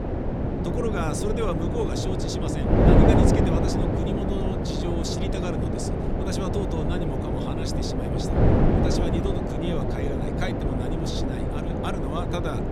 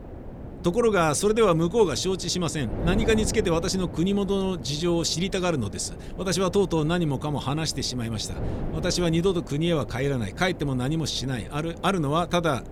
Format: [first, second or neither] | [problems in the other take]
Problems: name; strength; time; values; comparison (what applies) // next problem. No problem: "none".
second | wind noise on the microphone; heavy; 5 dB above the speech; occasional gusts in the second